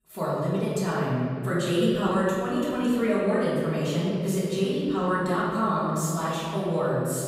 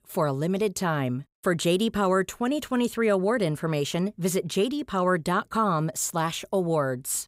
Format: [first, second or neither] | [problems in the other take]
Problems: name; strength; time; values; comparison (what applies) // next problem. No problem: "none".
second | off-mic speech; far // room echo; strong; dies away in 2.4 s